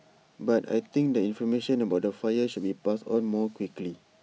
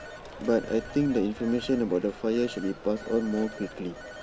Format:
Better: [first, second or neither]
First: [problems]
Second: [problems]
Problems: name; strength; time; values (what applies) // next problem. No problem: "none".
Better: first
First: none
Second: background sound (Telephone); 14 dB below the speech